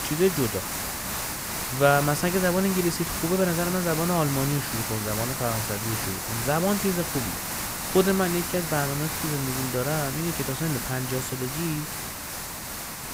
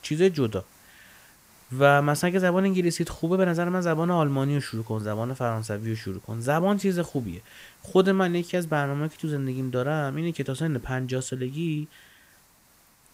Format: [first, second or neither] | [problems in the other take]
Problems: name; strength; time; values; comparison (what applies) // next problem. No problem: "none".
second | hiss; loud; throughout; 3 dB below the speech; faint in the second